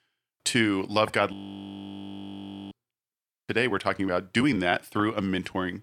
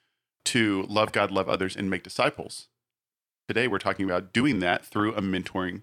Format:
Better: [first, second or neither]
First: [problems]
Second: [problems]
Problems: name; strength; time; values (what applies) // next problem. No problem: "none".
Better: second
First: audio freezing; at 1.5 s for 1.5 s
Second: none